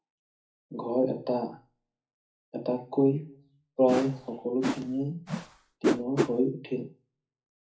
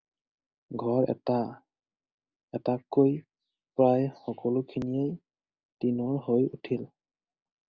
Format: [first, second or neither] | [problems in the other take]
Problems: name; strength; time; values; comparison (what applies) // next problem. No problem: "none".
second | noise reduction (classical method WPE with log-MMSE)